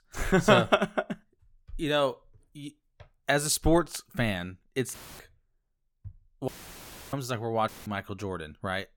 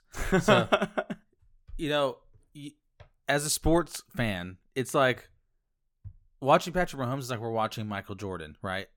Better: second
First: audio cutting out; filled with static; at 5 s, at 6.5 s for 0.5 s and at 7.5 s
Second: none

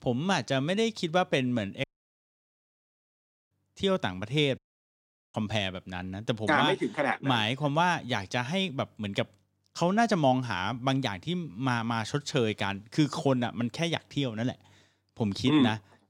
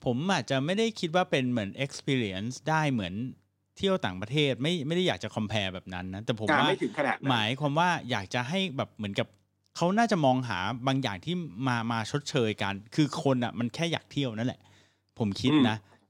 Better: second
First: audio cutting out; at 2 s for 1.5 s and at 4.5 s for 1 s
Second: none

